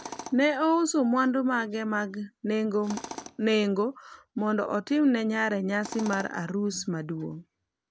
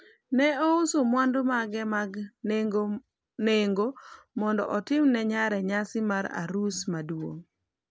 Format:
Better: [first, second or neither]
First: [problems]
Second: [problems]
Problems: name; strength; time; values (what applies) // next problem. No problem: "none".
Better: second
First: background sound (Tools); 19 dB below the speech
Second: none